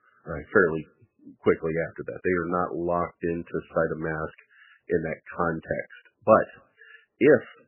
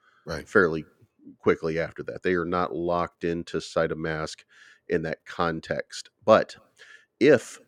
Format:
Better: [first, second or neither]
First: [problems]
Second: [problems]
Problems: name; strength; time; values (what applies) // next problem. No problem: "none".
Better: second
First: garbled, watery; badly; nothing above 3 kHz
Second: none